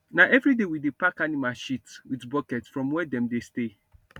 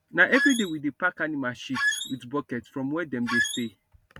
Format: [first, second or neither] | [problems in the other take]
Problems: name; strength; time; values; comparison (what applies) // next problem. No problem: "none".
first | background sound (Squeak); as loud as the speech